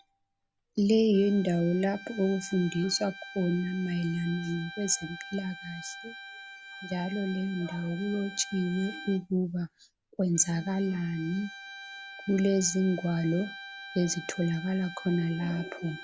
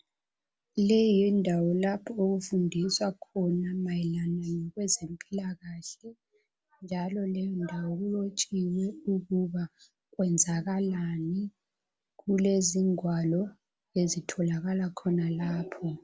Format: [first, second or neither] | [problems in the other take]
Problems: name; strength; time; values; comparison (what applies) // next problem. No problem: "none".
second | background sound (Bowed string instrument); 15 dB below the speech